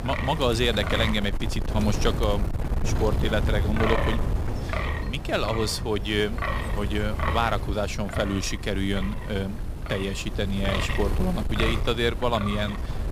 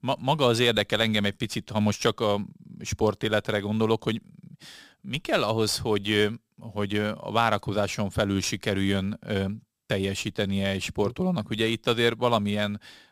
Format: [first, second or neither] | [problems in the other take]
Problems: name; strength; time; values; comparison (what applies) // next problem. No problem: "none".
second | wind noise on the microphone; heavy; 5 dB below the speech